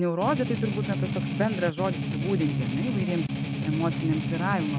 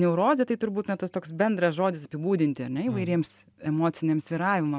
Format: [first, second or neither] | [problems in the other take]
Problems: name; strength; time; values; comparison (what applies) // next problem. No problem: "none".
second | background sound (Strum); as loud as the speech